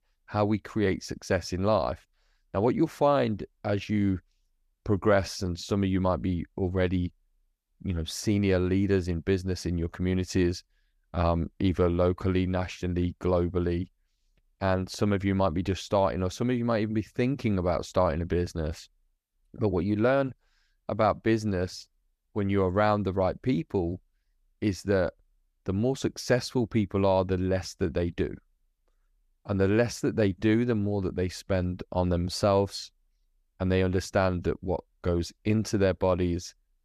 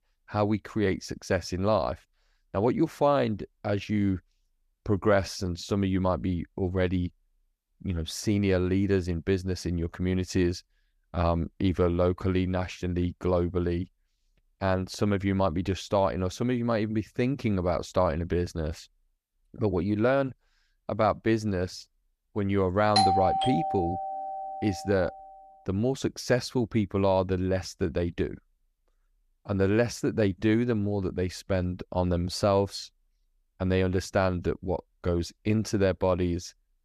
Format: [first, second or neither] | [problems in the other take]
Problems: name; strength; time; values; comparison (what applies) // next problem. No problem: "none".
first | doorbell; loud; from 23 to 25 s; peak 5 dB above the speech